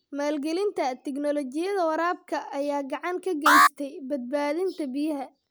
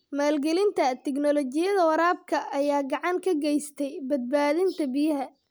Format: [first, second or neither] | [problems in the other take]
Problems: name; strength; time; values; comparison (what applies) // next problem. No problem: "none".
second | background sound (Alarm); 4 dB above the speech